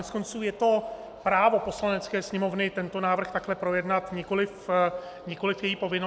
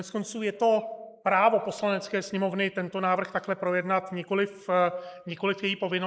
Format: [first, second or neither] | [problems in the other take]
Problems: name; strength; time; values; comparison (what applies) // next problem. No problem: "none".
first | noise reduction (neural mask model Resemble Enhance denoiser)